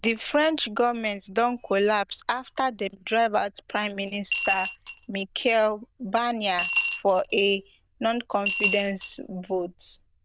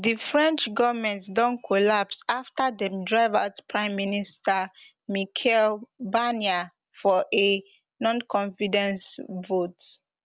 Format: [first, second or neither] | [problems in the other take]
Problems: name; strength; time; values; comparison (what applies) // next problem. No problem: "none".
second | noise reduction (neural diffusion model UNIVERSE++)